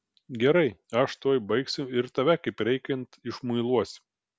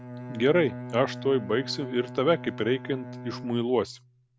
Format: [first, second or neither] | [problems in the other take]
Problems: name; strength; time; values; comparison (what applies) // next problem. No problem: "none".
first | background sound (Bowed string instrument); 12 dB below the speech